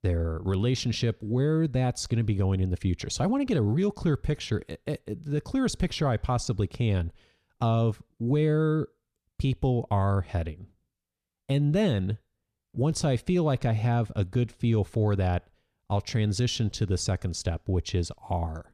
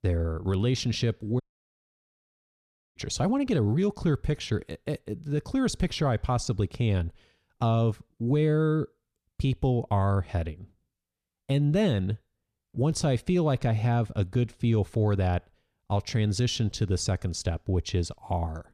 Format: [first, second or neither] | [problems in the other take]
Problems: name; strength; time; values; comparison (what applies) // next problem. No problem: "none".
first | audio cutting out; at 1.5 s for 1.5 s